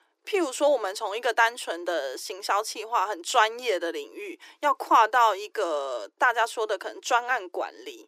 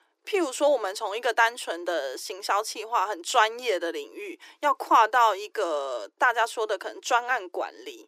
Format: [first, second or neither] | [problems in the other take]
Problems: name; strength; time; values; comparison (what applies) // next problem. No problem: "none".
neither | thin; very; fading below 300 Hz; the same in both